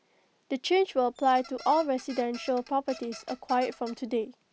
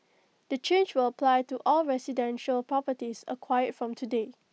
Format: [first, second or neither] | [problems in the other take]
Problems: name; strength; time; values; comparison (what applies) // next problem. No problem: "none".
second | background sound (Squeak); 19 dB below the speech